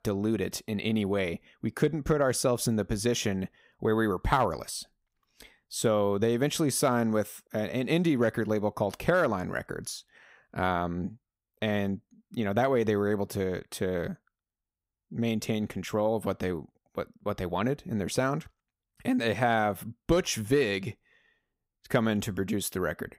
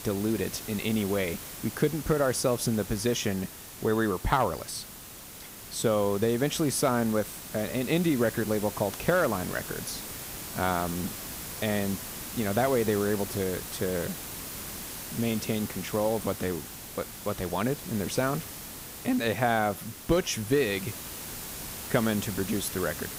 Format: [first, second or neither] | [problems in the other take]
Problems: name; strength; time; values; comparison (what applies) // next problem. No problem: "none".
first | hiss; loud; throughout; 9 dB below the speech